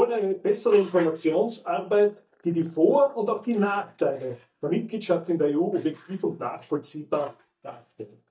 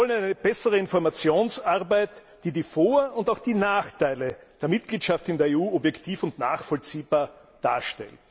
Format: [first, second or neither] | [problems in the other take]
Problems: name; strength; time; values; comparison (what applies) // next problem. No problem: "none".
second | noise reduction (neural mask model DeepFilterNet 3)